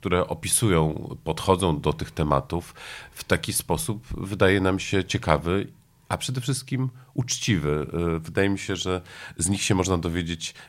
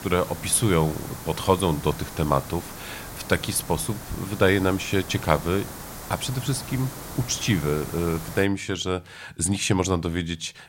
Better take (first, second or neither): first